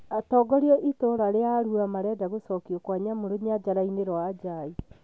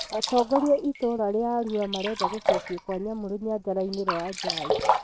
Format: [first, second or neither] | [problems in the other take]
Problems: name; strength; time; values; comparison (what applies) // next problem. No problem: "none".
first | noise reduction (neural mask model RNNoise)